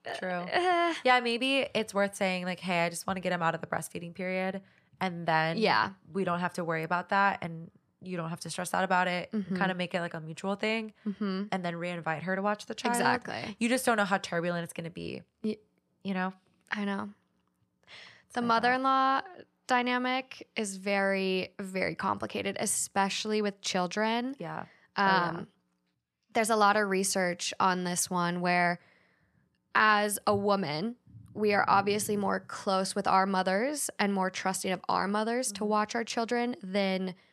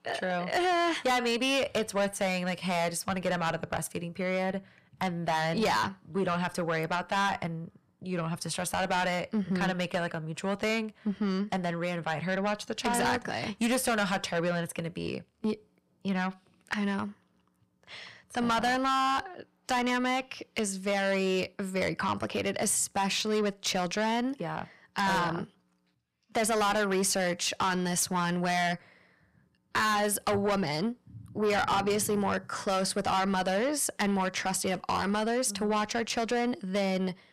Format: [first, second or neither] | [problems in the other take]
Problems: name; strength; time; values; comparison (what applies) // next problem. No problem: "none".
first | distortion; heavy; 6 dB below the speech